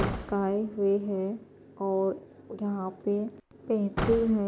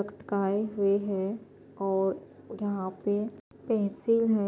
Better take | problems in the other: second | background sound (Slam / Car); 9 dB below the speech

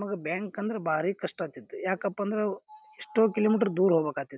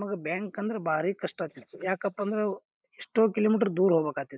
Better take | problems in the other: first | noise reduction (neural mask model Resemble Enhance denoiser)

